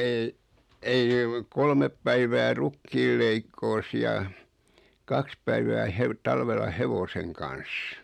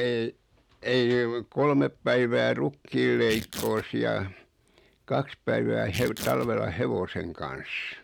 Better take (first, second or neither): first